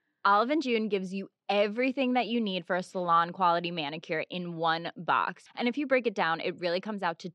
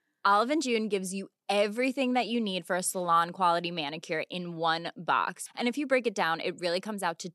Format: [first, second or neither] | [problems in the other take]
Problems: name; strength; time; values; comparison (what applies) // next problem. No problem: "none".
second | muffled; very slightly; fading above 4 kHz